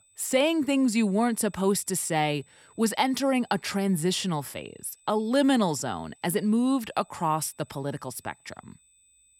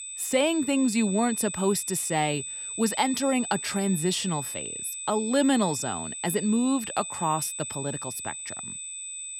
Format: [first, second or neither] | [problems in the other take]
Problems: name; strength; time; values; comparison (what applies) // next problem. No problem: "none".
first | high-pitched whine; loud; throughout; 8 kHz, 6 dB below the speech; faint in the first